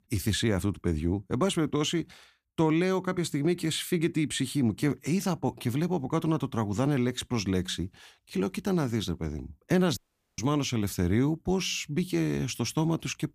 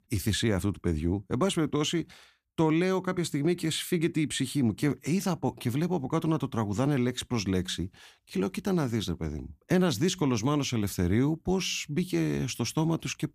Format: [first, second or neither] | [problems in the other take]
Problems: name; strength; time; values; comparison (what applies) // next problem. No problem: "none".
second | audio cutting out; at 10 s